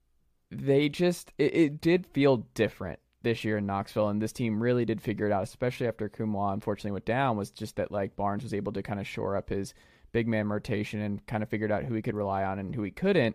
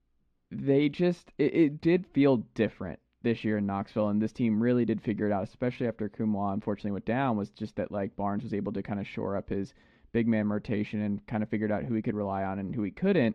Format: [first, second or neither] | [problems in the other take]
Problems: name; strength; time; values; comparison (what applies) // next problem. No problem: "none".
first | muffled; very slightly; fading above 4 kHz